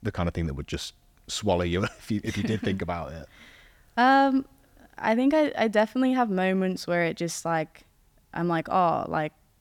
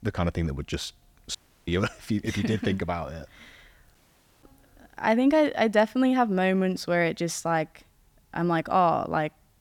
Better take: first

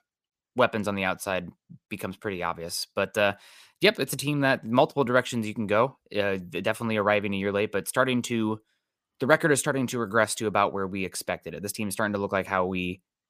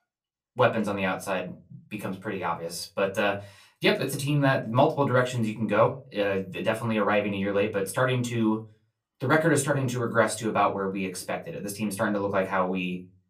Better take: first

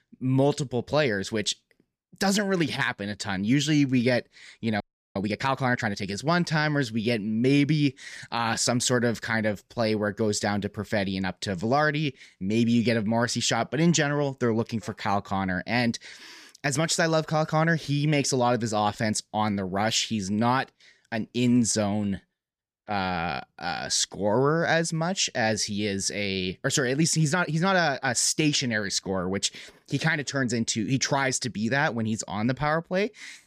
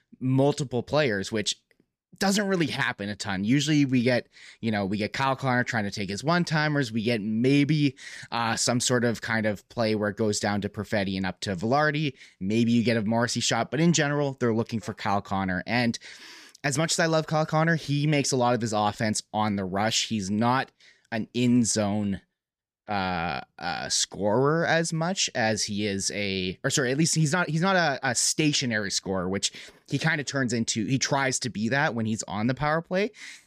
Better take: second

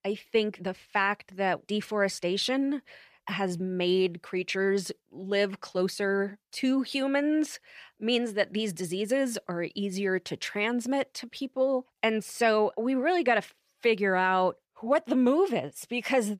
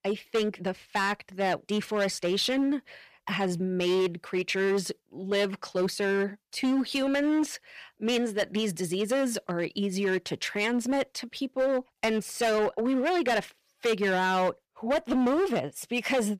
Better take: first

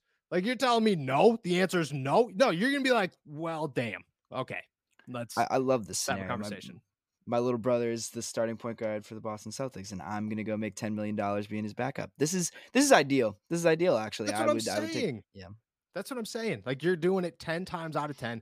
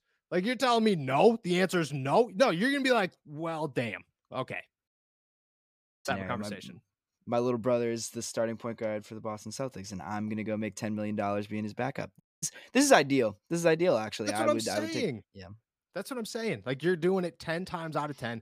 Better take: first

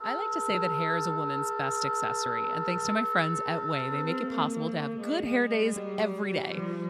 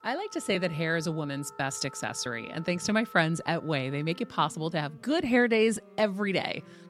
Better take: second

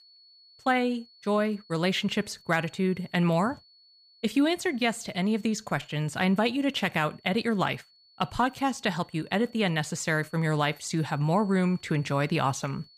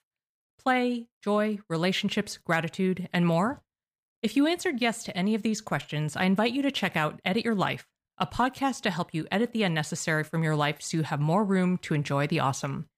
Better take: second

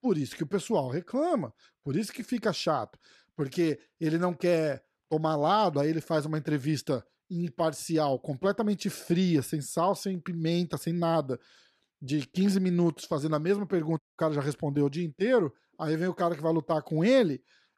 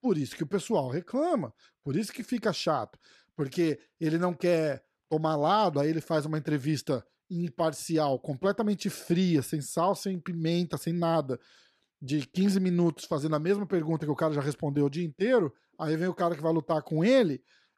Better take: second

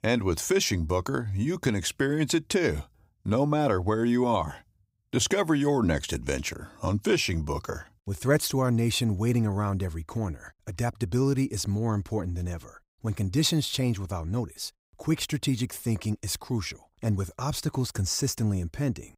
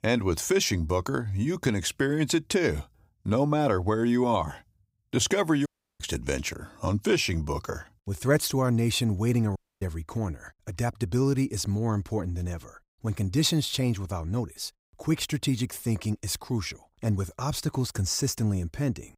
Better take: first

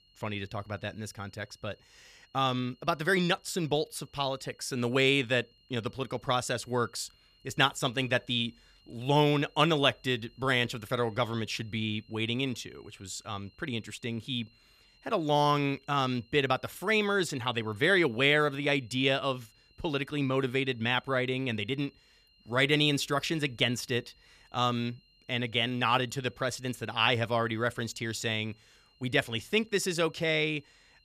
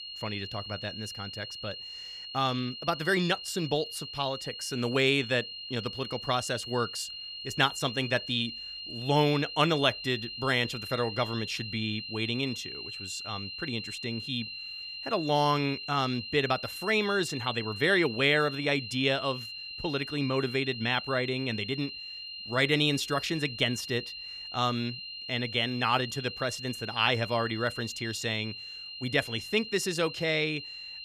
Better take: first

